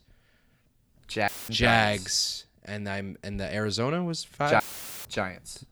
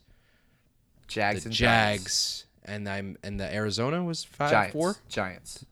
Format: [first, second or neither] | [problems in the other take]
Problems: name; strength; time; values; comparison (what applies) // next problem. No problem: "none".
second | audio cutting out; filled with static; at 1.5 s and at 4.5 s